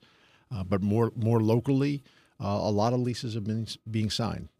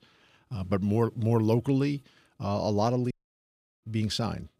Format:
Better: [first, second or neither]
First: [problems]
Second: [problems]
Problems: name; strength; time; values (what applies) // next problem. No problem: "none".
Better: first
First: none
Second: audio cutting out; at 3 s for 0.5 s